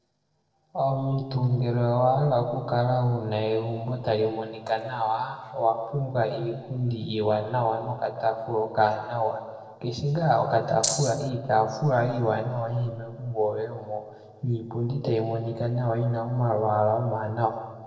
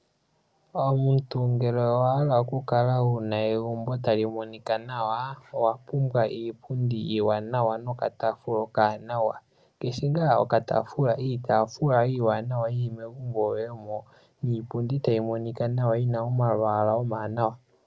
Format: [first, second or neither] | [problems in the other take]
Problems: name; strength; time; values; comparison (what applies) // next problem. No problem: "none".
second | noise reduction (neural separator model SepFormer DNS4)